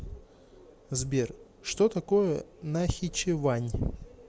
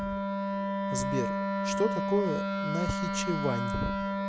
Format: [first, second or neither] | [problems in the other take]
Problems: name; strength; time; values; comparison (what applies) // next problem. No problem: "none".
first | background sound (Wind instrument, woodwind instrument); 3 dB above the speech